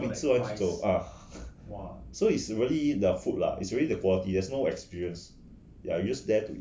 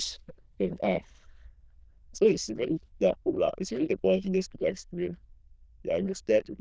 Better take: first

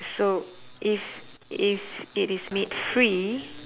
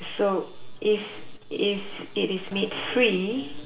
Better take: first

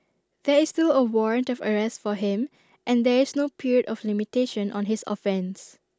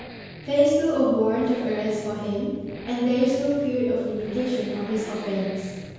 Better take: first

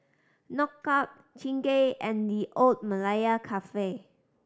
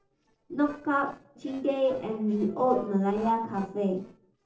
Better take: first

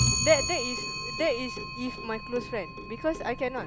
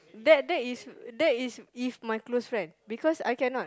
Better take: second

